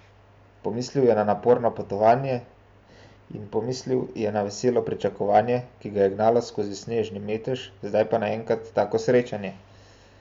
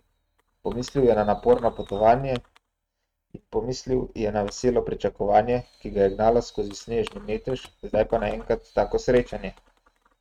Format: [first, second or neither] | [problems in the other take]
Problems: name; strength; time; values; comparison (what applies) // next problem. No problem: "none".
first | noise reduction (neural mask model RNNoise)